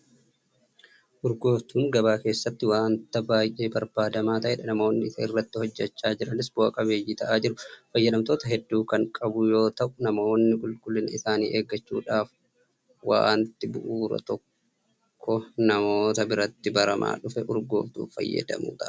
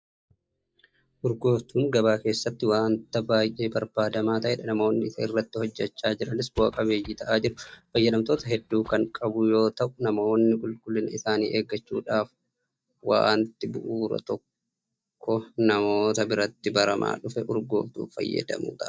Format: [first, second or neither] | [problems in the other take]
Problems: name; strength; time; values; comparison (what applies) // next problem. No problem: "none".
first | noise reduction (neural mask model DeepFilterNet 3)